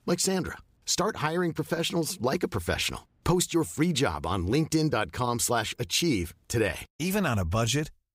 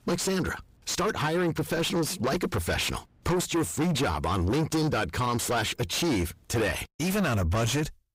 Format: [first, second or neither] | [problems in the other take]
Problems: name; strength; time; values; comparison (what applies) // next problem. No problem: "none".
first | distortion; heavy; 6 dB below the speech